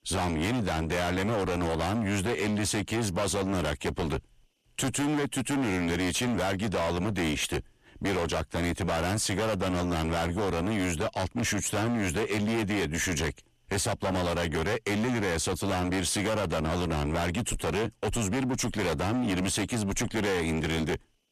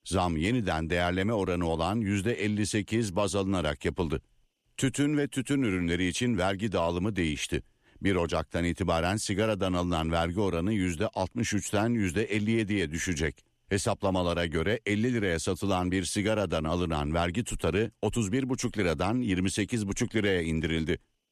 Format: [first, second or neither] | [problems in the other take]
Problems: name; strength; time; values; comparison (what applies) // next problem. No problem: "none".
second | distortion; heavy; 32% of the sound clipped